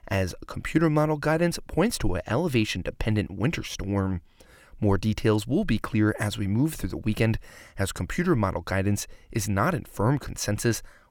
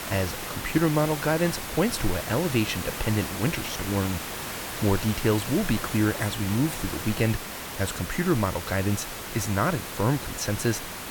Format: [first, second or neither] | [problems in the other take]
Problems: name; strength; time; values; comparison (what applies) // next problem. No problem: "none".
first | hiss; loud; throughout; 6 dB below the speech